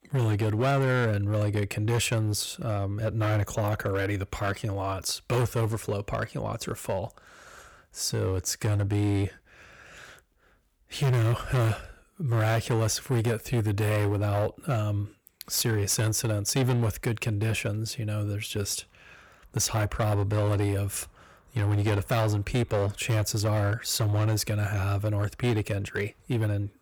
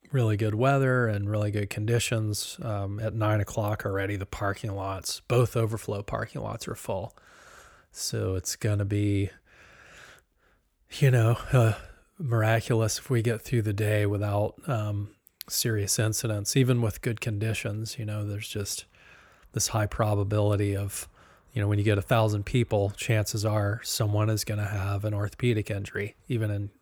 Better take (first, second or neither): second